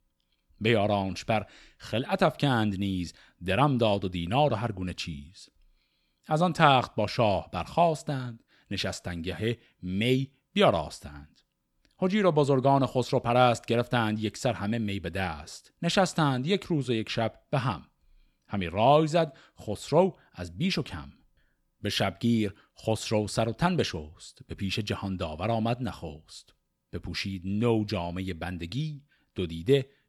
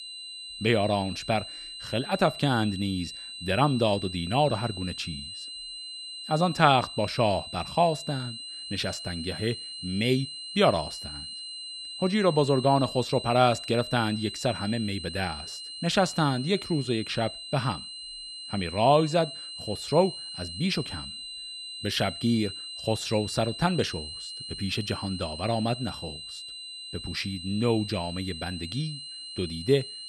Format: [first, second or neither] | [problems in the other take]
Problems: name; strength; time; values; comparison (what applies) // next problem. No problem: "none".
first | high-pitched whine; loud; throughout; 4 kHz, 9 dB below the speech